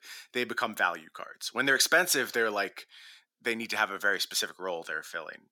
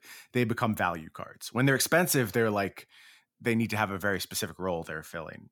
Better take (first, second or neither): second